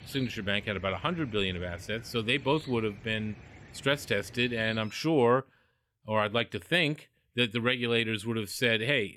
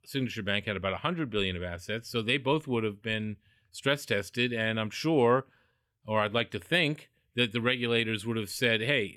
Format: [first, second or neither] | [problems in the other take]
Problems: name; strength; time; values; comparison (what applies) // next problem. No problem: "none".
second | animal sounds; noticeable; until 5 s; 20 dB below the speech